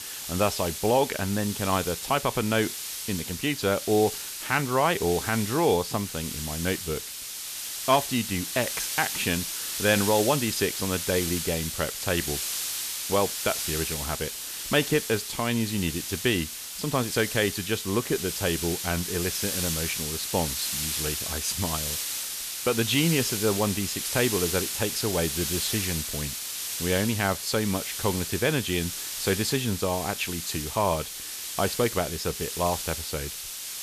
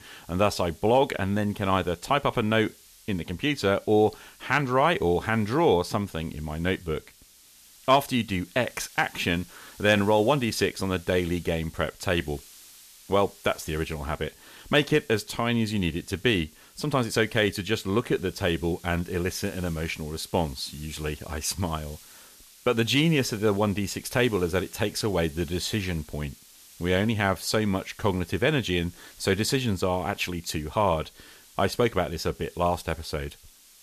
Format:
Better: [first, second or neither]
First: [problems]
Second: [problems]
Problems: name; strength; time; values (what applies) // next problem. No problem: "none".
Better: second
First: hiss; loud; throughout; 3 dB below the speech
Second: hiss; faint; throughout; 25 dB below the speech